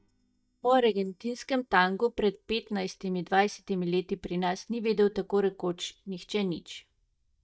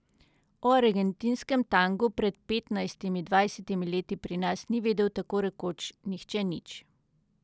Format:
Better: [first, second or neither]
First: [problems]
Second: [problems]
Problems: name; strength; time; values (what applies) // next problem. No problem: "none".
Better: second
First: noise reduction (neural mask model DeepFilterNet 3)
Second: none